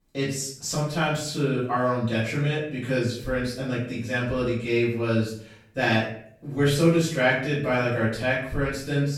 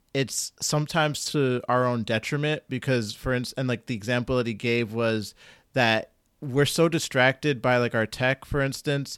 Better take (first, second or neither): second